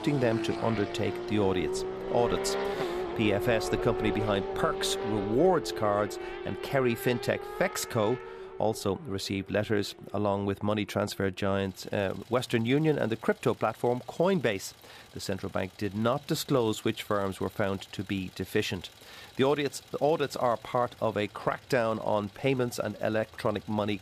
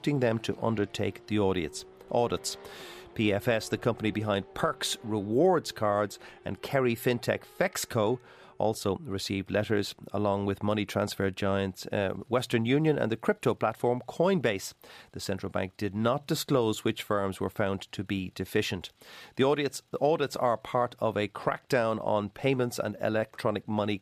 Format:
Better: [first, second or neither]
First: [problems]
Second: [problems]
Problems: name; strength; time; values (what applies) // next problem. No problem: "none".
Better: second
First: traffic noise; loud; throughout; 5 dB below the speech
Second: traffic noise; faint; throughout; 25 dB below the speech